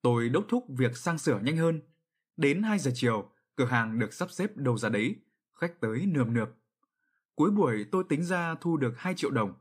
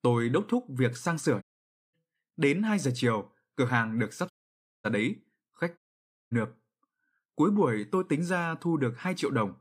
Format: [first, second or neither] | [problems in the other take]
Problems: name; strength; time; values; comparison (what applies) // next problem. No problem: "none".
first | audio cutting out; at 1.5 s for 0.5 s, at 4.5 s for 0.5 s and at 6 s for 0.5 s